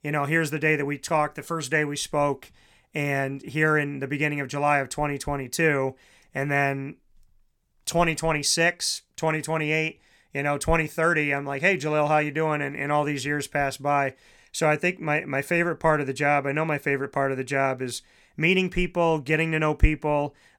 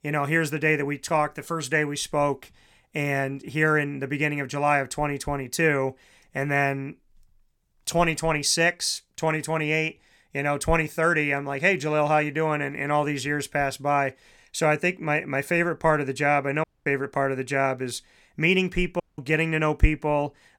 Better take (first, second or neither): first